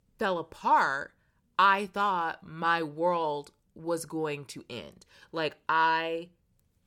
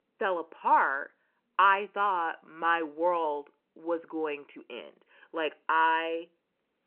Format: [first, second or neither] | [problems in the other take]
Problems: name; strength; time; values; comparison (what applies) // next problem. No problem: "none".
first | phone-call audio